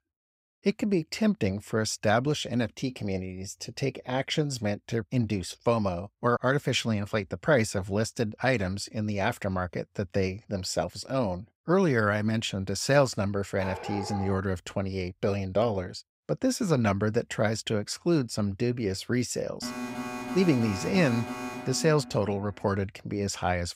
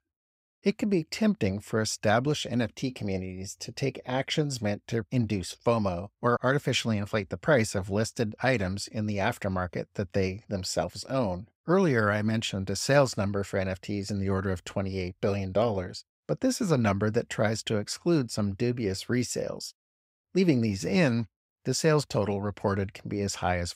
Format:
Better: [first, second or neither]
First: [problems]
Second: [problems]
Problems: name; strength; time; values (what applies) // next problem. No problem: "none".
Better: second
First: dog barking; noticeable; at 14 s; peak 8 dB below the speech // alarm; noticeable; from 20 to 22 s; peak 6 dB below the speech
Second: none